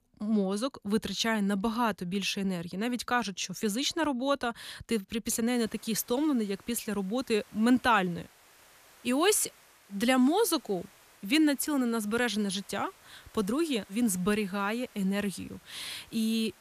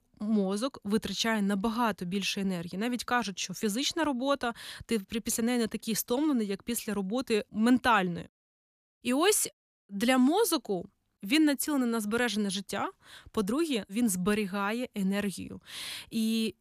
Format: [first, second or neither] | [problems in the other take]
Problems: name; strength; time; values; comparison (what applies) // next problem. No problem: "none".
second | hiss; faint; from 5.5 s on; 25 dB below the speech